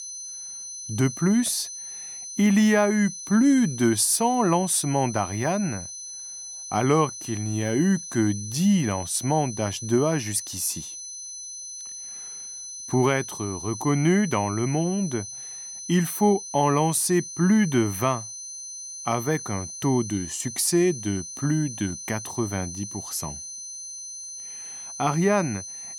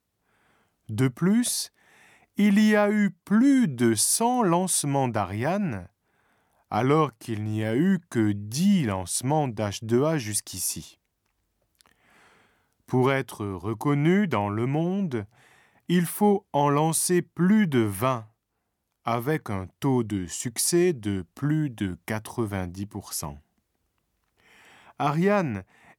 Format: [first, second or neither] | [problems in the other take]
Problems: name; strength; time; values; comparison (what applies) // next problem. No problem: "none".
second | high-pitched whine; noticeable; throughout; 6 kHz, 10 dB below the speech